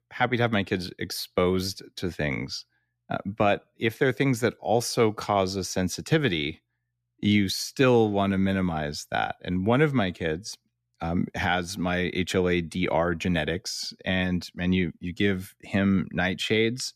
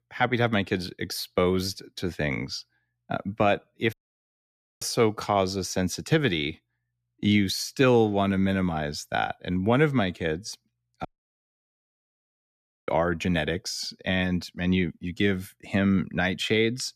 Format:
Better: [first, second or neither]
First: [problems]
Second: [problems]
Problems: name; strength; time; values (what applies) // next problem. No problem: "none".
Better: first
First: none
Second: audio cutting out; at 4 s for 1 s and at 11 s for 2 s